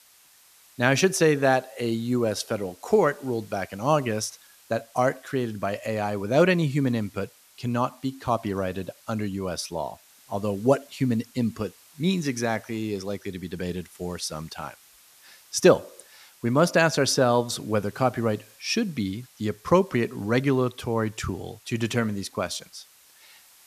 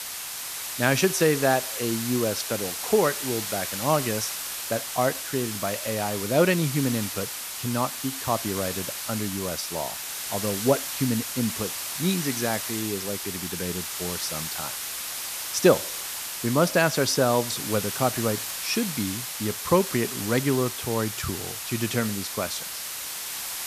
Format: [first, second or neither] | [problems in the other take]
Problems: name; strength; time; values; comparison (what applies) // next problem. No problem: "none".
first | hiss; loud; throughout; 4 dB below the speech; faint in the first